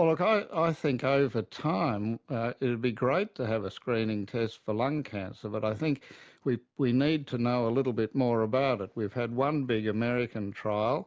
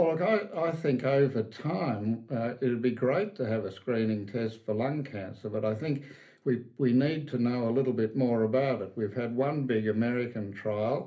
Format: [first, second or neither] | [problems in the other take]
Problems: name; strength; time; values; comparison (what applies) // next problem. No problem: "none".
first | room echo; dies away in 0.3 s